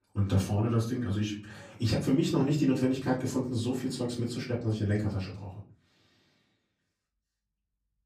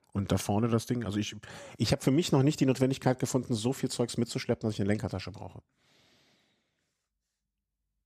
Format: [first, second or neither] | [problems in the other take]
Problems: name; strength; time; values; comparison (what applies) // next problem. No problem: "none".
second | off-mic speech; far // room echo; slight; dies away in 0.4 s